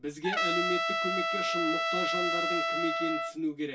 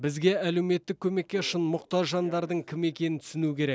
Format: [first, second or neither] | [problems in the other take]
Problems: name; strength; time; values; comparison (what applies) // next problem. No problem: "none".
second | background sound (Trumpet); 4 dB above the speech // room echo; dies away in 0.1 s